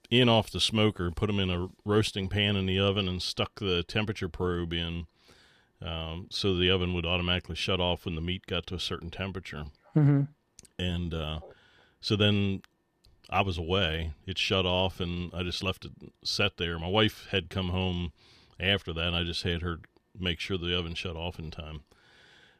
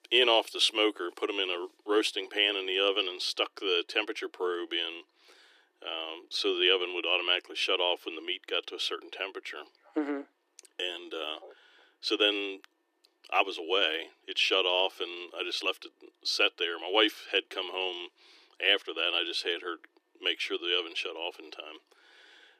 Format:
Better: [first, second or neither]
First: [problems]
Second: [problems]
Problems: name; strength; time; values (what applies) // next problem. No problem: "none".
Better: first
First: none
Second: thin; very; fading below 300 Hz